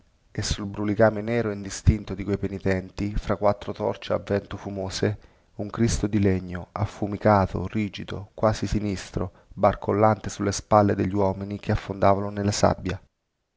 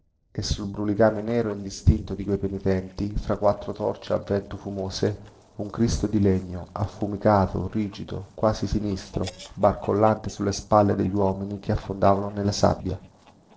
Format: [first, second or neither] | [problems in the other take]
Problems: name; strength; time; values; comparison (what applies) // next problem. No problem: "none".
first | noise reduction (neural separator model SepFormer DNS4)